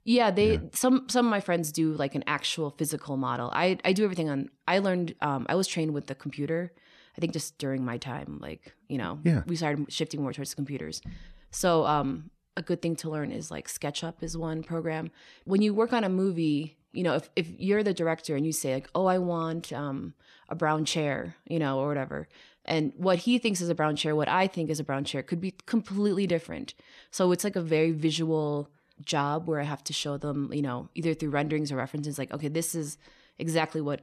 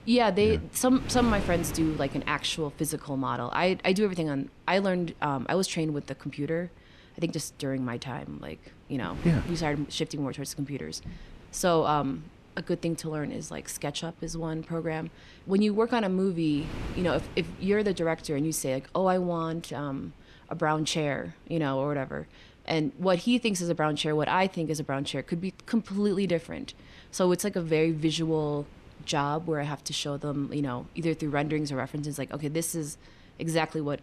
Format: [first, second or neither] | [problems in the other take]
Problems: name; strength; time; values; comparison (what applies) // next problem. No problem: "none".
first | wind noise on the microphone; occasional gusts; 20 dB below the speech